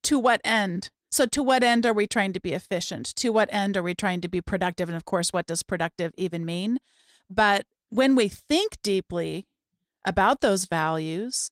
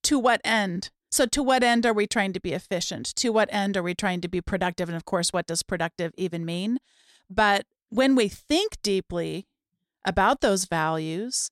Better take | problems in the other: second | garbled, watery; slightly; nothing above 16 kHz

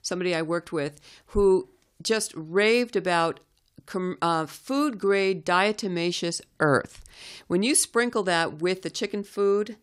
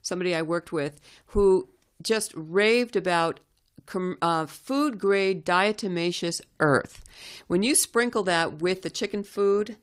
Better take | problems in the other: first | garbled, watery; slightly; nothing above 15.5 kHz

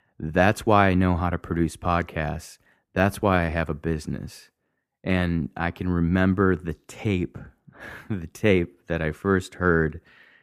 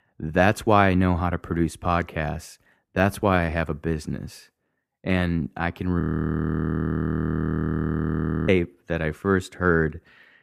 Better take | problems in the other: first | audio freezing; at 6 s for 2.5 s

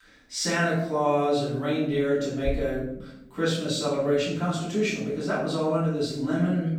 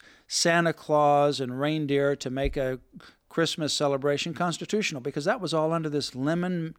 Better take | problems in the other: second | room echo; noticeable; dies away in 0.8 s // off-mic speech; far

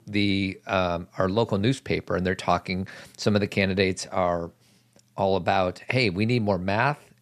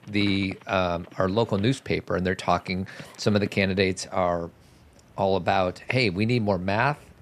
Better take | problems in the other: first | animal sounds; faint; throughout; 25 dB below the speech

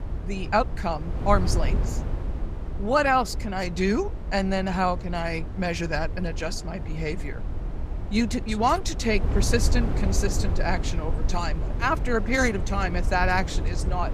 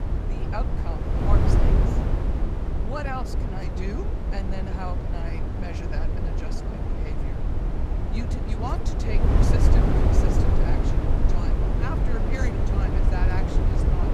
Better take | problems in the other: first | wind noise on the microphone; heavy; 3 dB above the speech; occasional gusts in the first

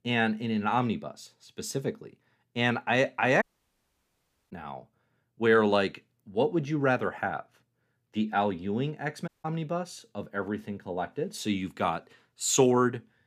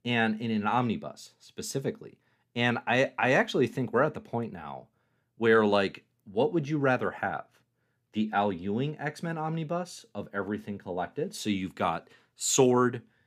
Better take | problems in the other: second | audio cutting out; at 3.5 s for 1 s and at 9.5 s

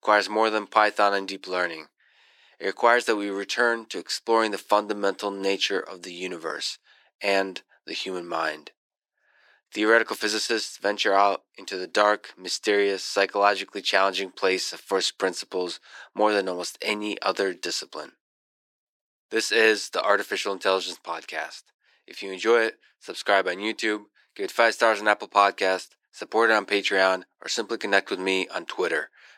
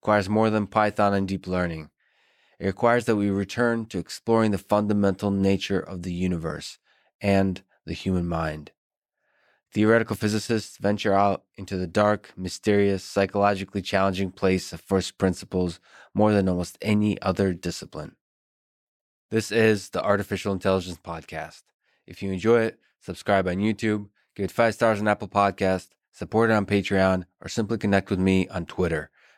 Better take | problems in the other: second | thin; very; fading below 350 Hz

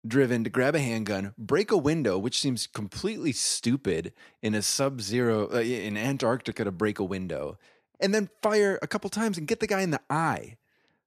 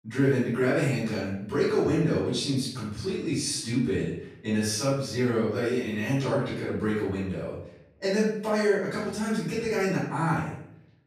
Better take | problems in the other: first | off-mic speech; far // room echo; noticeable; dies away in 0.6 s

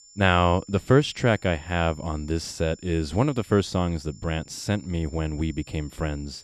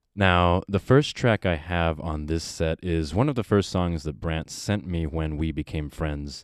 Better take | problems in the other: second | high-pitched whine; faint; throughout; 7 kHz, 25 dB below the speech

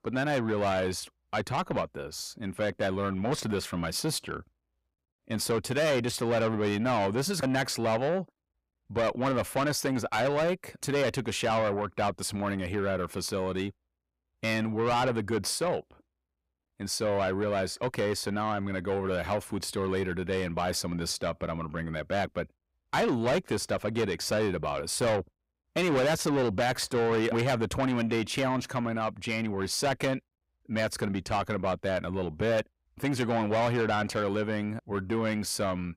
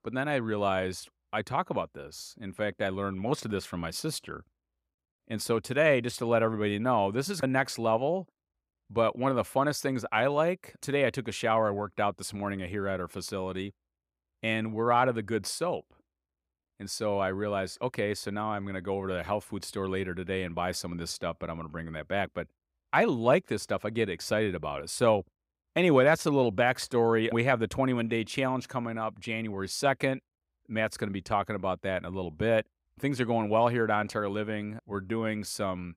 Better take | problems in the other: second | distortion; heavy; 7 dB below the speech

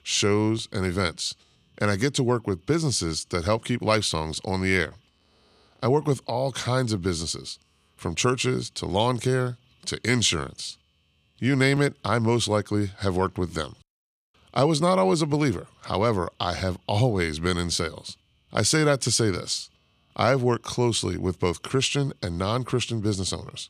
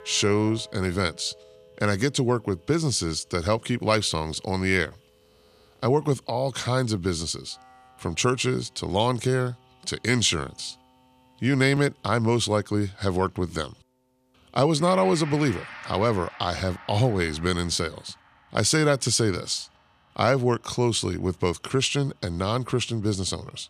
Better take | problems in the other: first | background music; faint; throughout; 20 dB below the speech

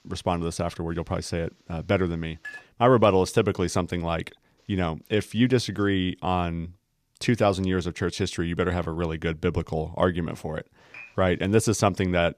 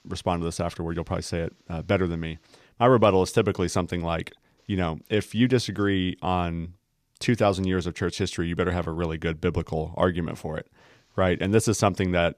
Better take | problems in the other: second | clattering dishes; faint; at 2.5 s and at 11 s; peak 15 dB below the speech

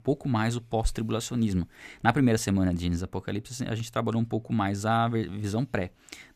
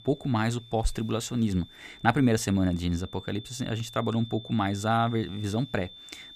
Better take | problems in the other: first | high-pitched whine; noticeable; throughout; 3.5 kHz, 20 dB below the speech

